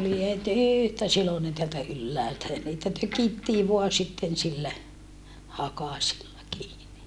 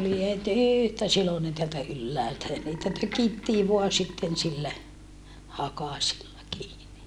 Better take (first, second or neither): first